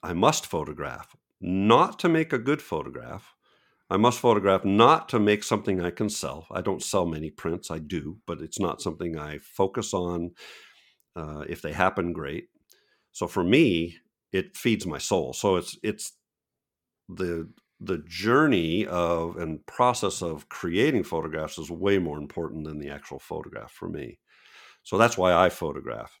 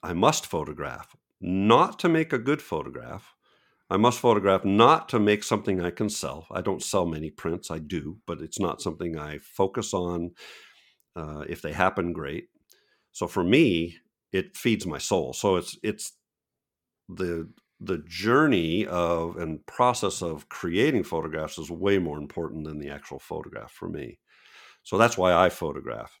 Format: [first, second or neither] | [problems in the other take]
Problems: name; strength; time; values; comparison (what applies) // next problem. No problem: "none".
neither | none